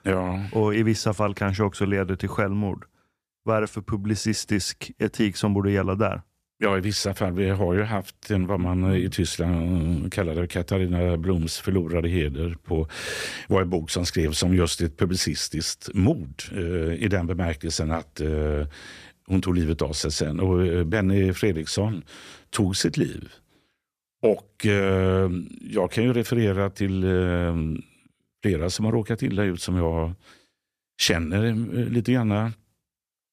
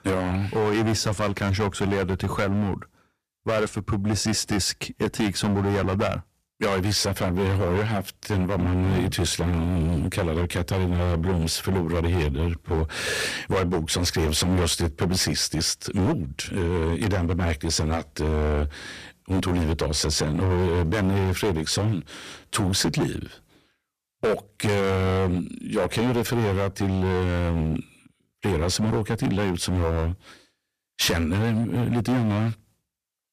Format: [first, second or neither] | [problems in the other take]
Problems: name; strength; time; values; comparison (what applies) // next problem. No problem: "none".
first | distortion; heavy; 16% of the sound clipped